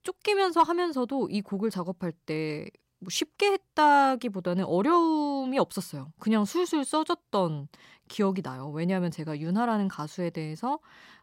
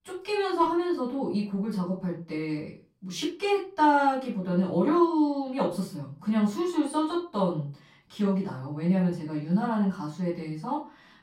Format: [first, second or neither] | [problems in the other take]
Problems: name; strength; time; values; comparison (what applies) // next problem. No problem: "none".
first | off-mic speech; far // room echo; slight; dies away in 0.3 s